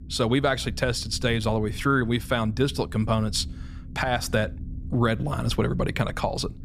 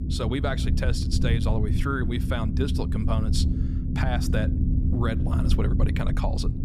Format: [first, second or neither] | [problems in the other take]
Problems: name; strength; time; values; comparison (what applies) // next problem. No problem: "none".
first | low rumble; loud; throughout; 5 dB below the speech; faint in the first